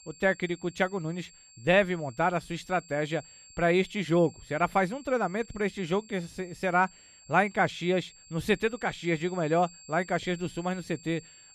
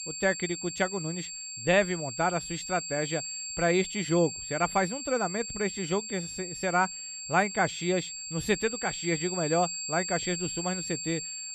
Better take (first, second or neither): first